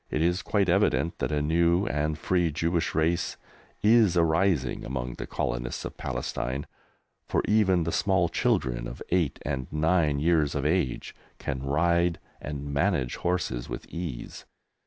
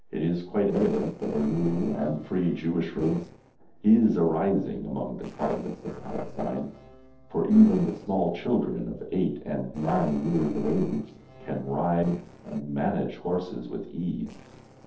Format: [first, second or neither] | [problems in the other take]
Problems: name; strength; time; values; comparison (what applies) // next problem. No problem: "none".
first | noise reduction (neural separator model SepFormer DNS4)